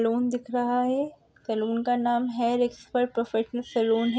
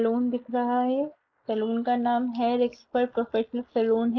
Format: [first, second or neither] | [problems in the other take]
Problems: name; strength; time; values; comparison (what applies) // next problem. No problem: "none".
first | noise reduction (neural mask model Resemble Enhance denoiser)